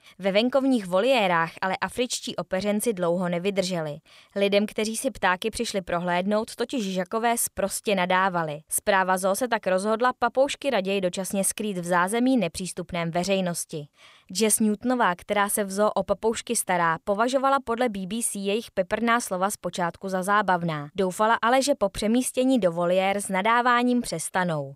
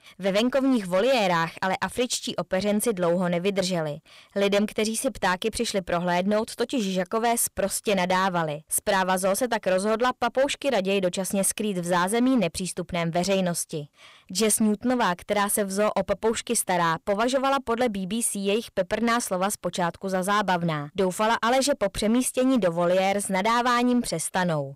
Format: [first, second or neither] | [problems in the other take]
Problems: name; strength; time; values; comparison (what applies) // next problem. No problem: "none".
first | distortion; slight; 8% of the sound clipped